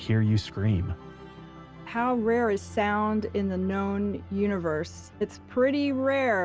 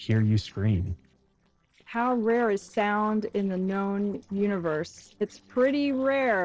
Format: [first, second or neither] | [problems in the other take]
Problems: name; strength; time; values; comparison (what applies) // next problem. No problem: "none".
first | noise reduction (neural separator model SepFormer DNS4)